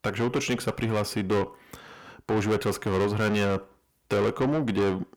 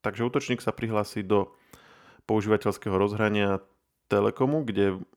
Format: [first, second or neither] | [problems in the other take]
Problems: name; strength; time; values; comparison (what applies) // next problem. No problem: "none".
second | distortion; heavy; 6 dB below the speech